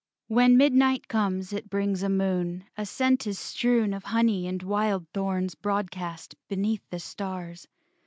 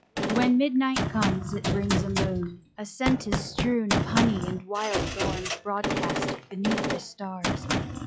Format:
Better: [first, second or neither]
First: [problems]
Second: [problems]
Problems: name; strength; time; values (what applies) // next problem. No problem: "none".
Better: first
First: none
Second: noise reduction (classical method log-MMSE)